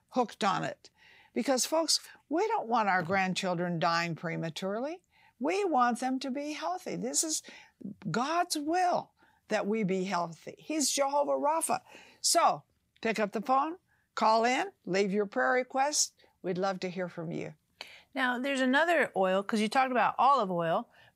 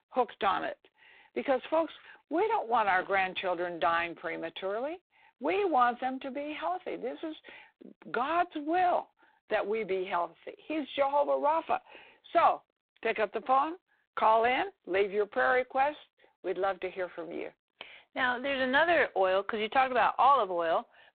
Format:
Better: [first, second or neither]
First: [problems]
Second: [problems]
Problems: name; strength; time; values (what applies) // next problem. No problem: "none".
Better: first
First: none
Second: phone-call audio; poor line; nothing above 4 kHz